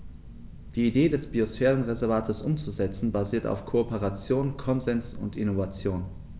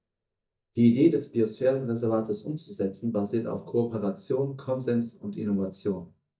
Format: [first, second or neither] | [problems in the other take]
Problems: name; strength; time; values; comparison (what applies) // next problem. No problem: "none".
first | noise reduction (neural mask model DeepFilterNet 3)